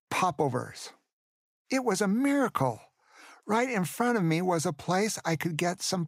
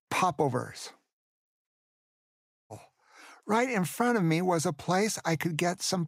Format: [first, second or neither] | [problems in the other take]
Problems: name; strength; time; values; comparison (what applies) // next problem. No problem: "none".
first | audio cutting out; at 1.5 s for 1 s